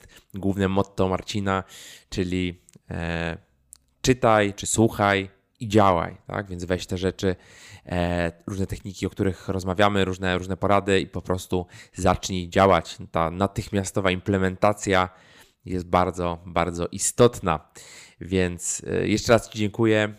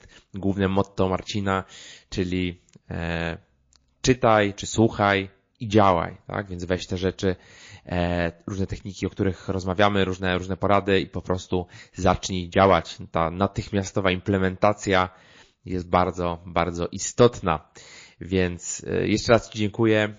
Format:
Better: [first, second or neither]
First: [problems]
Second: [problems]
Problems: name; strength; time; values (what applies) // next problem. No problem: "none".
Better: first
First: none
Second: garbled, watery; slightly